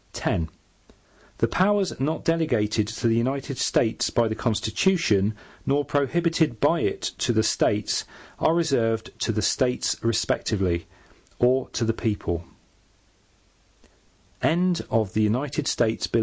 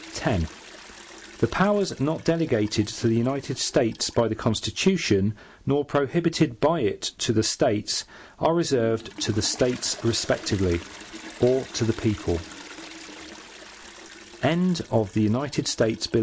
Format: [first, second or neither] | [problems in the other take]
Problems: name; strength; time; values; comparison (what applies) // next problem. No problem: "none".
first | background sound (Toilet flush); 19 dB below the speech